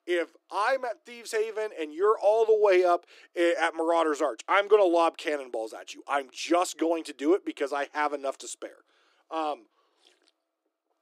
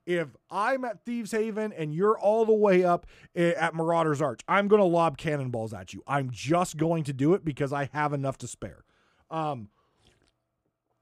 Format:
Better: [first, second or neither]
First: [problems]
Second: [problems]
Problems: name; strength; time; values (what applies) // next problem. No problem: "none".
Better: second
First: thin; very; fading below 300 Hz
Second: none